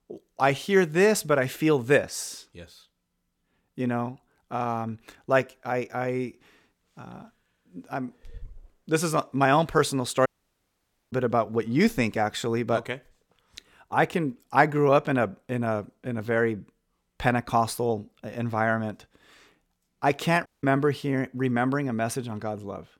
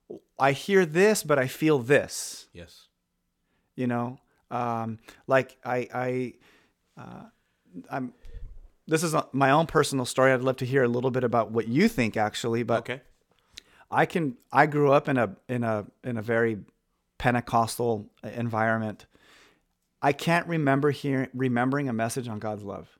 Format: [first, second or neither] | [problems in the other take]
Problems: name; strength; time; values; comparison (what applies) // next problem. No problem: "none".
second | audio cutting out; at 10 s for 1 s and at 20 s